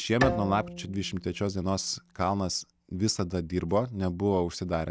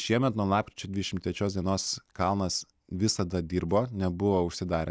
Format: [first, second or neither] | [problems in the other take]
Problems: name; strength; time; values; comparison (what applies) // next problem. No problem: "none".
second | background sound (Bowed string instrument); 8 dB below the speech